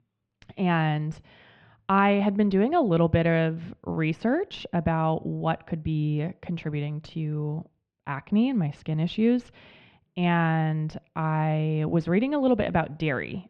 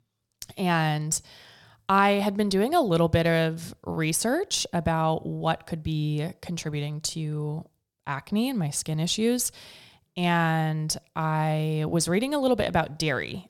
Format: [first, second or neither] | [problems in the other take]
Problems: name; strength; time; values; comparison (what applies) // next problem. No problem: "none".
second | muffled; very; fading above 2.5 kHz